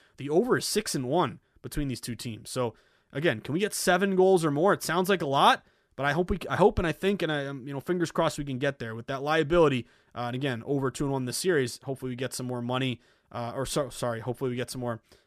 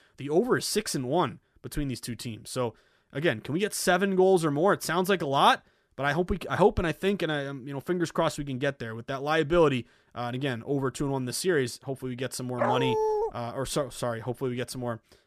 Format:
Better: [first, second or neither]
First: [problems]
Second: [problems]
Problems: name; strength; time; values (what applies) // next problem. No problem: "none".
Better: first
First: none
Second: dog barking; loud; at 13 s; peak 1 dB above the speech